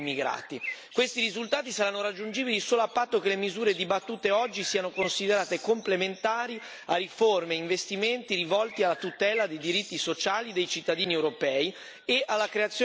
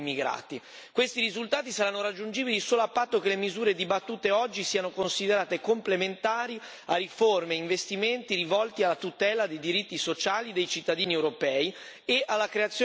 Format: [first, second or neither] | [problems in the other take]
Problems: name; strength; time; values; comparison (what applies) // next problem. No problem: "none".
second | background sound (Bird); 17 dB below the speech